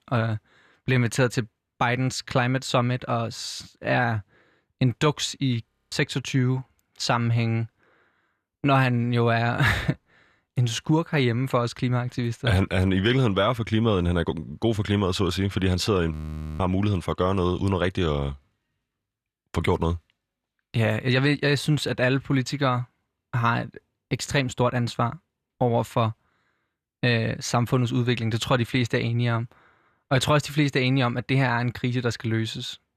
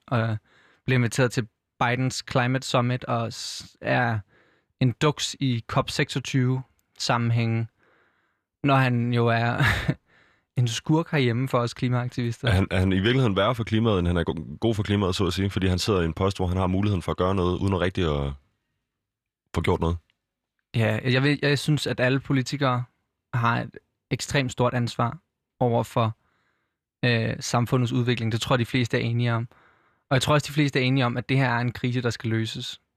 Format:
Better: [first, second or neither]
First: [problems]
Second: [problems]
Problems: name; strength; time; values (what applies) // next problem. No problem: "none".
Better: second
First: audio freezing; at 5.5 s and at 16 s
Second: none